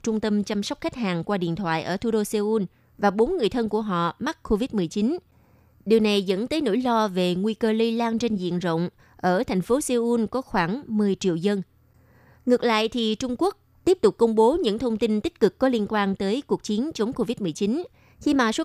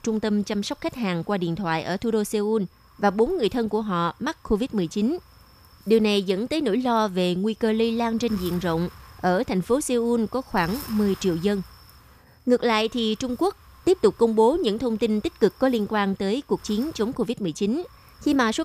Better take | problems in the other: first | wind noise on the microphone; occasional gusts; 25 dB below the speech

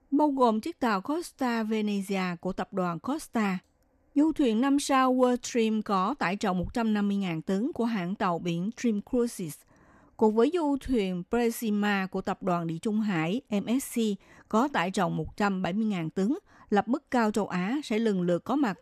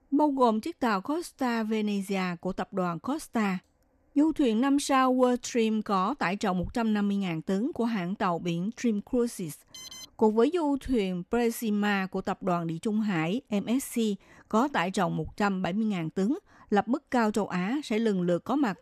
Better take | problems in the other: first | alarm; faint; at 9.5 s; peak 15 dB below the speech

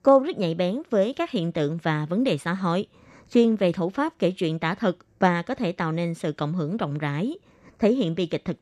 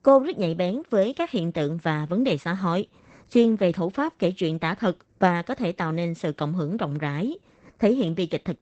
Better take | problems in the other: first | garbled, watery; badly; nothing above 8 kHz

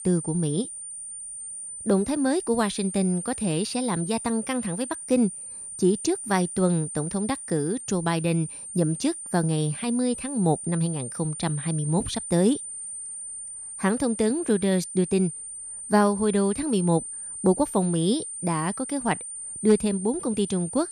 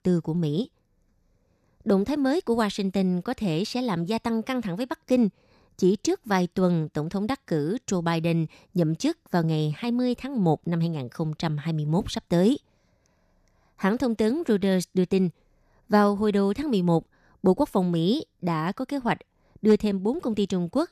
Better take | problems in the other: second | high-pitched whine; loud; throughout; 9 kHz, 8 dB below the speech

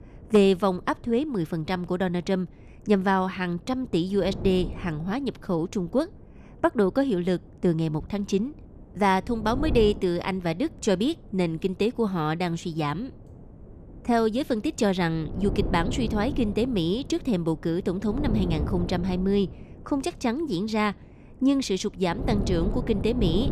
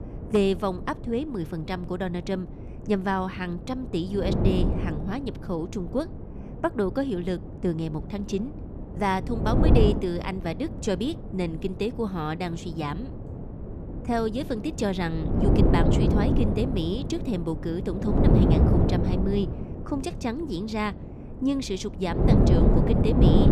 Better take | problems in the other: first | wind noise on the microphone; heavy; 1 dB below the speech; occasional gusts in the first

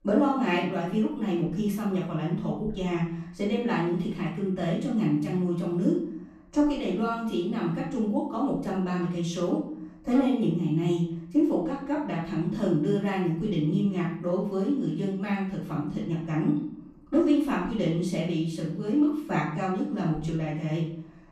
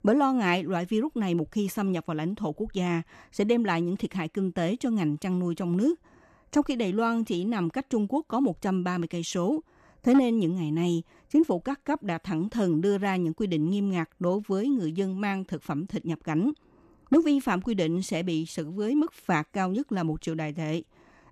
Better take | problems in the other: second | off-mic speech; far // room echo; noticeable; dies away in 0.6 s

